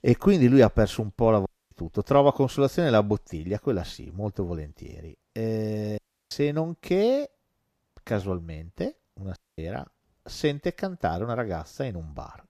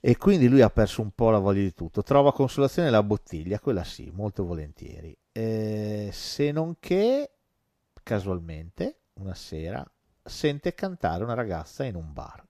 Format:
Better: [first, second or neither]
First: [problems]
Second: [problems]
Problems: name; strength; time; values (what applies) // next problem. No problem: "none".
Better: second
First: audio cutting out; at 1.5 s, at 6 s and at 9.5 s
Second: none